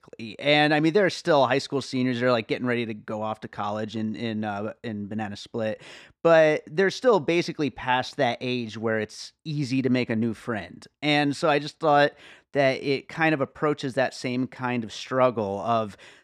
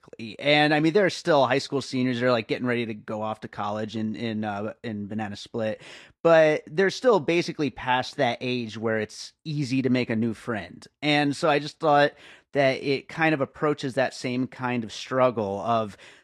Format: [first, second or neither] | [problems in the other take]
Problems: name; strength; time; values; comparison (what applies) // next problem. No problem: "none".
first | garbled, watery; slightly